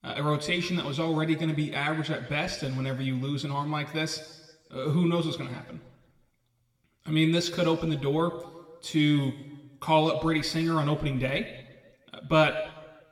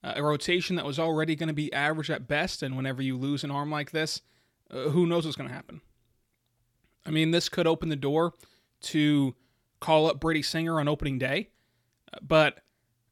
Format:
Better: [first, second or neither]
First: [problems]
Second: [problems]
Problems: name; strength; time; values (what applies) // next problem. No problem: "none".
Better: second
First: room echo; slight; dies away in 1.1 s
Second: none